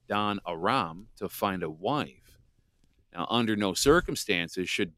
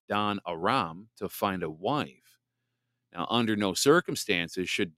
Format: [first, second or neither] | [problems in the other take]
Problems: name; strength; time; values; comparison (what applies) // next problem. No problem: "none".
second | hiss; noticeable; throughout; 20 dB below the speech